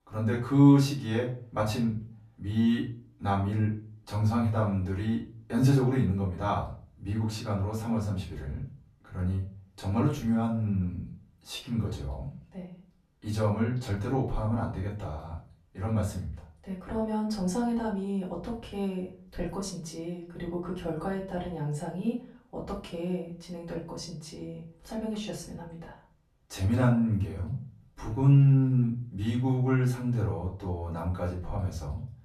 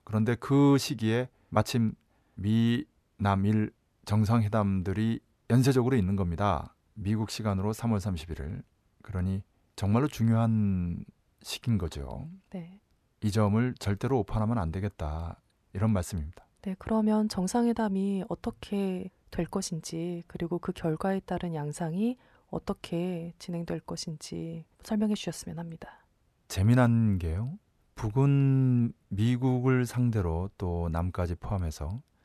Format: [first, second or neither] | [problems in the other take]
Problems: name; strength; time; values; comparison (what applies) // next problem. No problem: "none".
second | off-mic speech; far // room echo; slight; dies away in 0.4 s